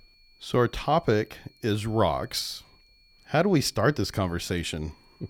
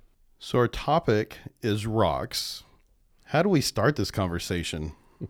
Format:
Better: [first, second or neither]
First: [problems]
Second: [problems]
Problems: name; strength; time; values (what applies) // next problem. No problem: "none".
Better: second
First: high-pitched whine; faint; throughout; 4.5 kHz, 30 dB below the speech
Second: none